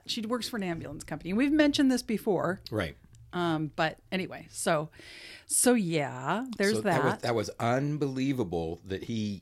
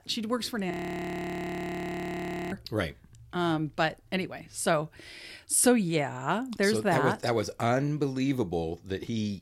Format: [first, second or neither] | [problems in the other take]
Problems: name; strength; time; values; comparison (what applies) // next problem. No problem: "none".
first | audio freezing; at 0.5 s for 2 s